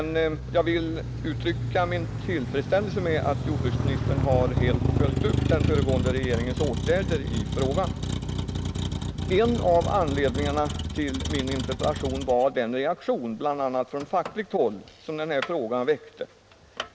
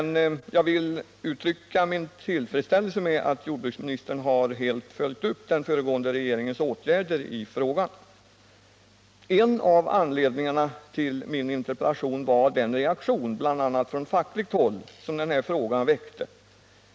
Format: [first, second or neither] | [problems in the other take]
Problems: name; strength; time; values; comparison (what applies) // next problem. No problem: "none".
second | background sound (Motor vehicle (road)); 2 dB below the speech